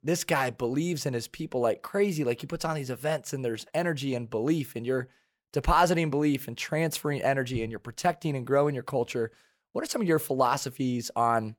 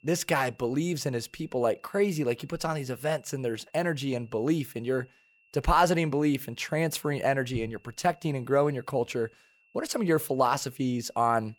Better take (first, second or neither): first